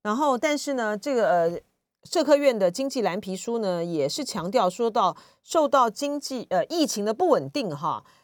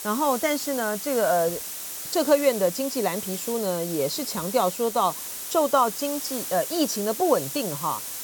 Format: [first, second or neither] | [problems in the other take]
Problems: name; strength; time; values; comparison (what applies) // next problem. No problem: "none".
first | hiss; loud; throughout; 6 dB below the speech